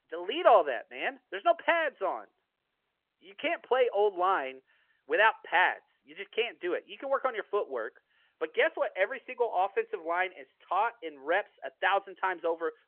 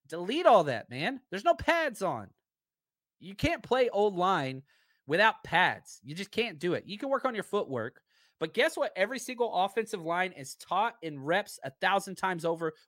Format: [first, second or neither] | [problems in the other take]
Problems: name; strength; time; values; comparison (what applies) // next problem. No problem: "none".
second | phone-call audio; nothing above 3 kHz